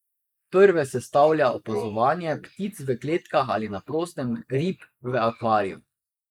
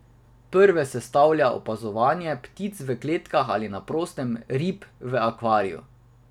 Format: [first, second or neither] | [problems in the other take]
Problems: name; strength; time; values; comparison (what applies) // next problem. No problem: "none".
second | noise reduction (neural mask model Resemble Enhance denoiser)